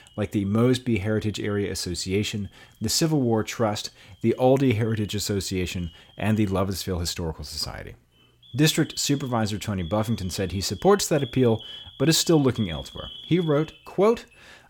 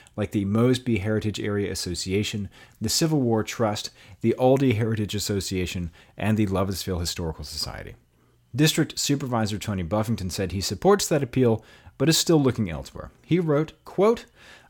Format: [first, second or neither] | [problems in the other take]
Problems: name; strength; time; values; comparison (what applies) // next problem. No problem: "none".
second | alarms or sirens; noticeable; throughout; 20 dB below the speech